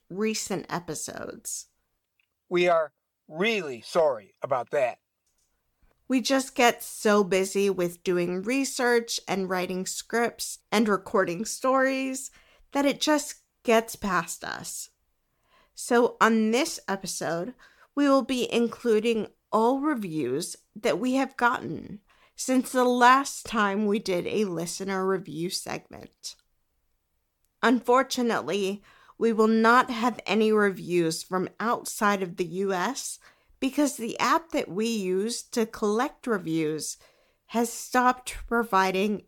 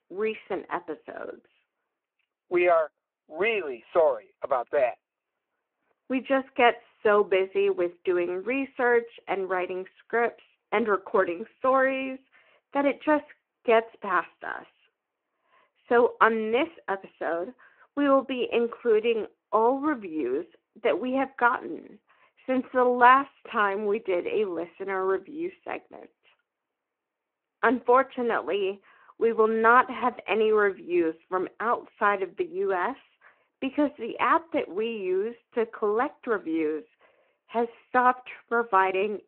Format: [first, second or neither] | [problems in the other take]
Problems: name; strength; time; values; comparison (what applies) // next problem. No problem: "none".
first | phone-call audio